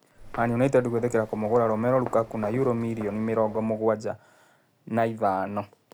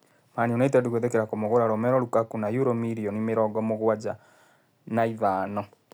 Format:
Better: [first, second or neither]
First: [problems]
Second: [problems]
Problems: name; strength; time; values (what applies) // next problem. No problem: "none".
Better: second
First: background sound (Walk, footsteps); 17 dB below the speech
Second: none